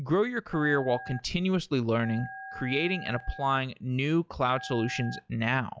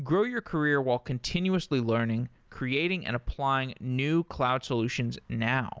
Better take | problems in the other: second | noise reduction (classical method log-MMSE)

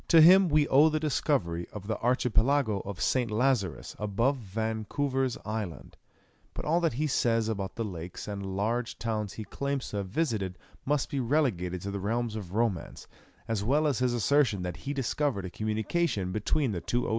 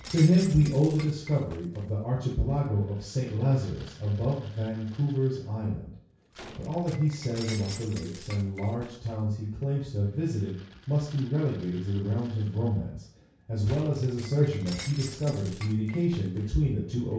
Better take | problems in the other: first | background sound (Shatter); 19 dB below the speech // room echo; dies away in 0.6 s

